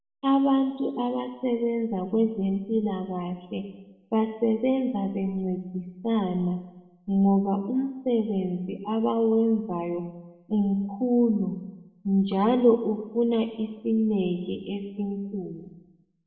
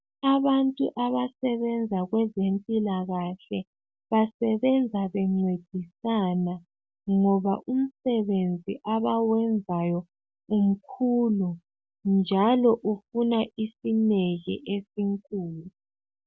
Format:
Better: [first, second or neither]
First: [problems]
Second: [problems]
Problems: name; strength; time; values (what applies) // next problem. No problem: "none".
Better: second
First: room echo; dies away in 1 s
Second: none